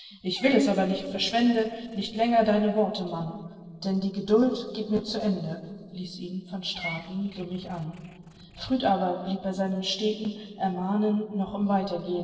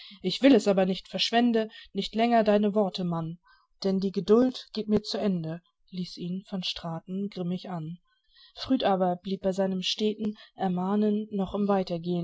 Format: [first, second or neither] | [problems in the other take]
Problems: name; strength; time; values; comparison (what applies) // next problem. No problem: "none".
second | noise reduction (neural separator model SepFormer DNS4)